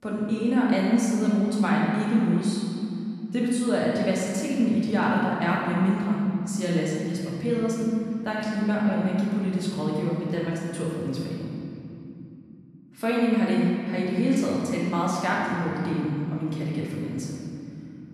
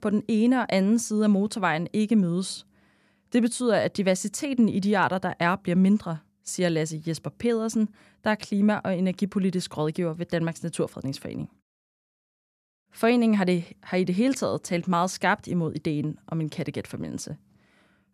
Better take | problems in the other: second | room echo; strong; dies away in 2.7 s // off-mic speech; far

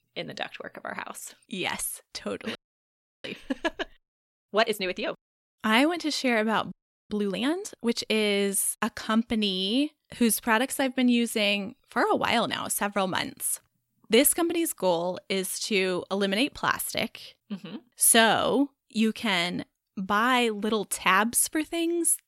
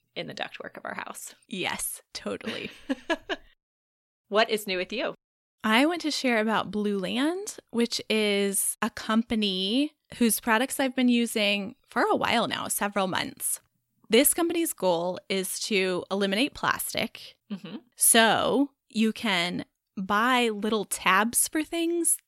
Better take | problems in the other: second | audio freezing; at 2.5 s for 0.5 s and at 6.5 s

